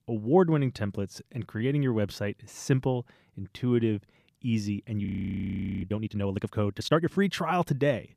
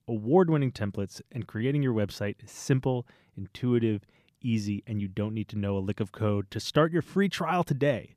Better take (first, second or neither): second